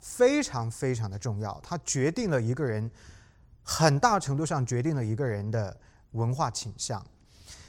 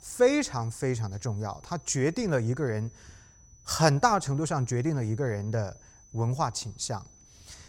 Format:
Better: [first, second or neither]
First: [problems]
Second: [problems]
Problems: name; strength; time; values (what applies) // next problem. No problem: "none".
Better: first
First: none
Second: high-pitched whine; faint; throughout; 6 kHz, 25 dB below the speech